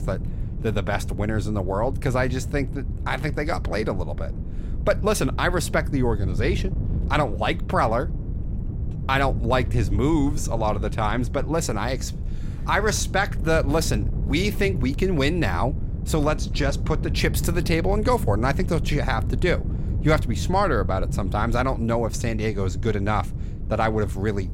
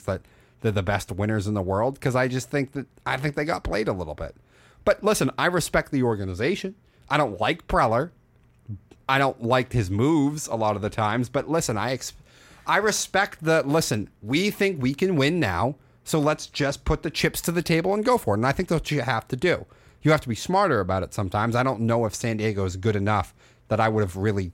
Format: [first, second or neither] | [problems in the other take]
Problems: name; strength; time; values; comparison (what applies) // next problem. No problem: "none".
second | wind noise on the microphone; occasional gusts; 15 dB below the speech